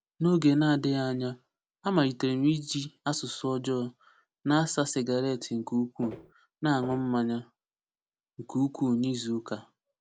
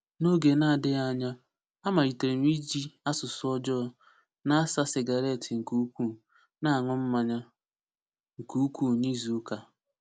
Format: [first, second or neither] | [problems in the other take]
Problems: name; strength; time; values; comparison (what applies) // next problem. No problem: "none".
second | background sound (Walk, footsteps); 13 dB below the speech